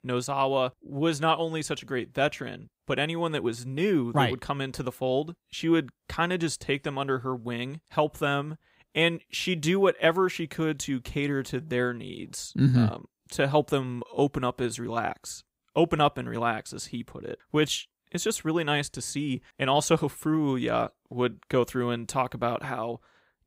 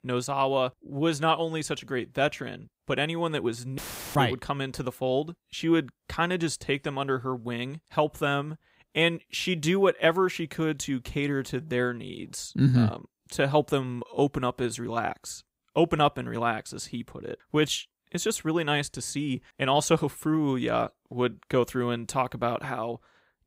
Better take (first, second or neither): first